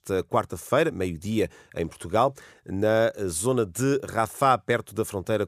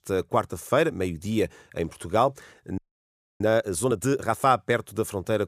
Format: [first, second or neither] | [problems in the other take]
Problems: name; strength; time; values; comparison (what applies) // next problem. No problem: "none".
first | audio freezing; at 3 s for 0.5 s